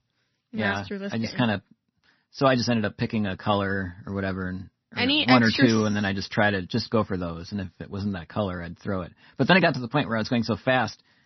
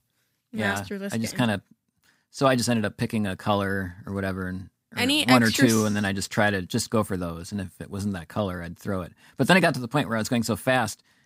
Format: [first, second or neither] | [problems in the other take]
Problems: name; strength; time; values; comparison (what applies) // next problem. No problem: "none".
second | garbled, watery; slightly; nothing above 6 kHz